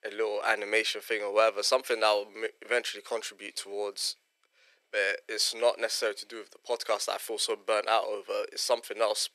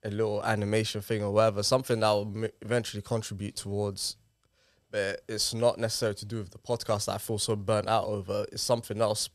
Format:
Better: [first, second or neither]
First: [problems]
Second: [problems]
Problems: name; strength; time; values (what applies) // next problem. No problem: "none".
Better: second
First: thin; very; fading below 350 Hz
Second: none